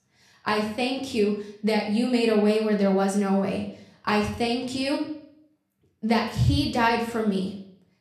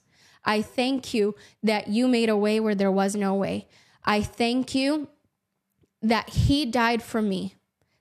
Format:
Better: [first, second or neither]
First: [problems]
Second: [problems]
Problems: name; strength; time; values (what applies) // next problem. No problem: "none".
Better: second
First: room echo; slight; dies away in 0.5 s // off-mic speech; somewhat distant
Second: none